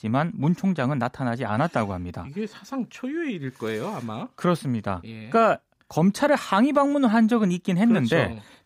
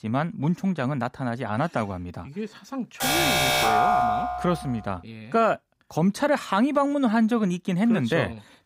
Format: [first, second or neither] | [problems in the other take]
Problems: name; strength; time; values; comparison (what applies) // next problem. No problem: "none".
first | alarm; loud; from 3 to 4.5 s; peak 6 dB above the speech